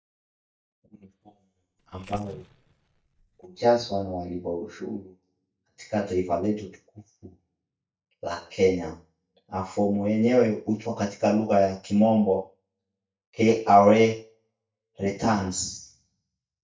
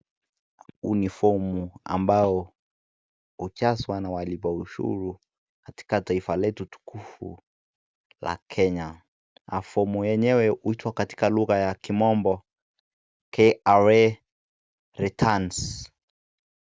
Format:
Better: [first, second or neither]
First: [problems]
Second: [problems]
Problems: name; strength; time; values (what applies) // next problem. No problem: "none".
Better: second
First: noise reduction (neural mask model DeepFilterNet 3)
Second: none